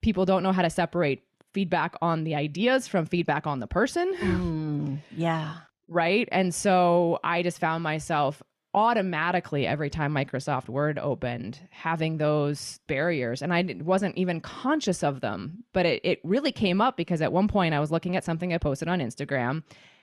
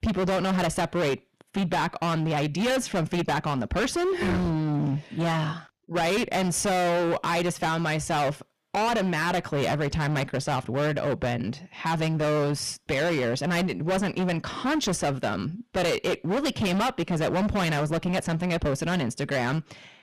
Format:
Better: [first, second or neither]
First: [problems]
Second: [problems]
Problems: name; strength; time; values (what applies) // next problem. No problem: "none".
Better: first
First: none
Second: distortion; heavy; 27% of the sound clipped